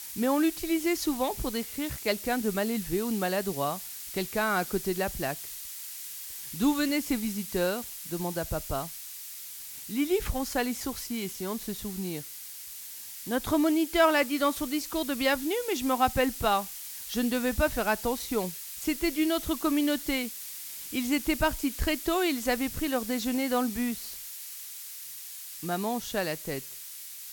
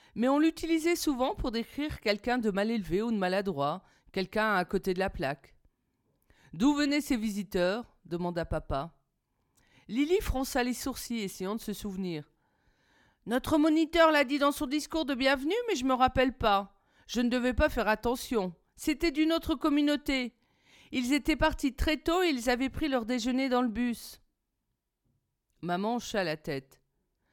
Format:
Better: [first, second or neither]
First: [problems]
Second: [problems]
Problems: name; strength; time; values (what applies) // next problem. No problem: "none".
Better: second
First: hiss; loud; throughout; 8 dB below the speech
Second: none